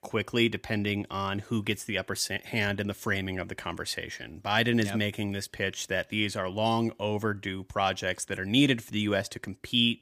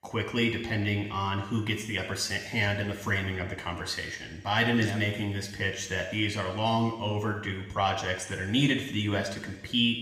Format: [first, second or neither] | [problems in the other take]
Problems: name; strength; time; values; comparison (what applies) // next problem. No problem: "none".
first | room echo; noticeable; dies away in 1.1 s // off-mic speech; somewhat distant